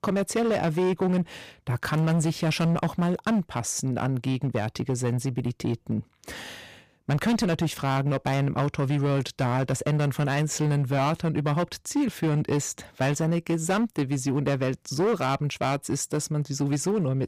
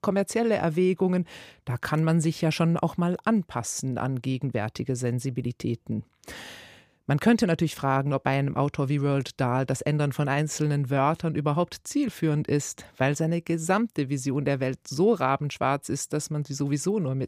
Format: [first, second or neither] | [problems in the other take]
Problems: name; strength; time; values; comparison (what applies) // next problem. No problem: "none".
second | distortion; slight; 13% of the sound clipped